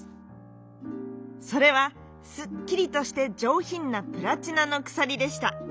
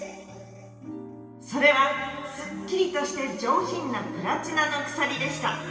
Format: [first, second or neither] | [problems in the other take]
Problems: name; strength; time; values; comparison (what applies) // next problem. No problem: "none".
first | room echo; dies away in 2.6 s